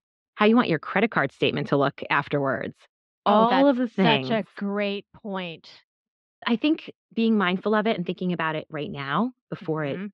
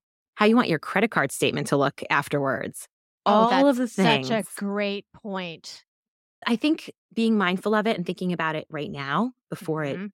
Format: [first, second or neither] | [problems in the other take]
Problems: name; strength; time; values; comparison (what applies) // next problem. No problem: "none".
second | muffled; very slightly; fading above 3.5 kHz